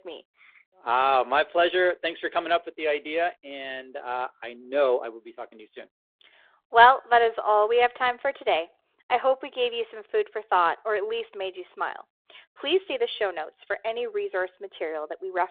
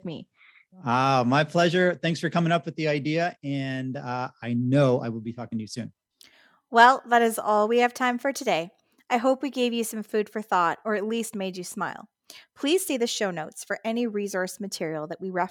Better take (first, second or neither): second